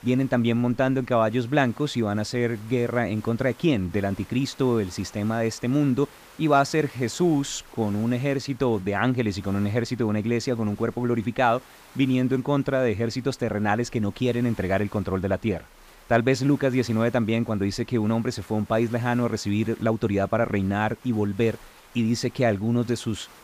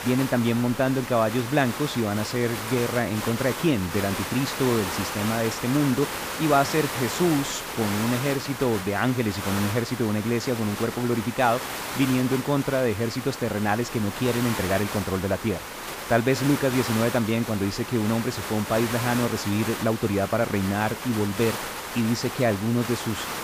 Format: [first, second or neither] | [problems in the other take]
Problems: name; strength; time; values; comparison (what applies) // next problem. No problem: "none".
first | hiss; loud; throughout; 6 dB below the speech; faint in the first